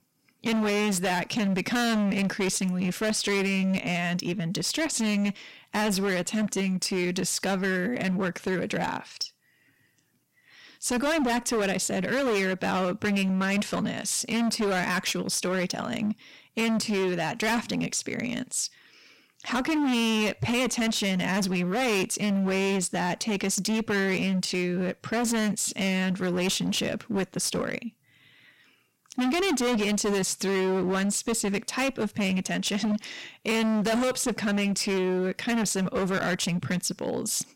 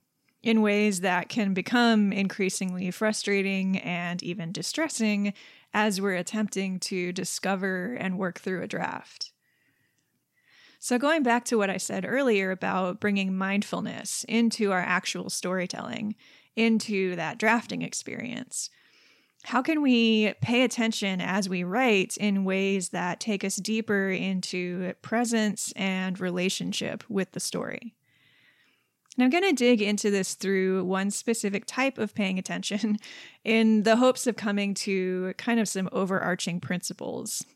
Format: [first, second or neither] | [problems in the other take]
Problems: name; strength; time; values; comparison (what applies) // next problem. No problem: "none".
second | distortion; heavy; 24% of the sound clipped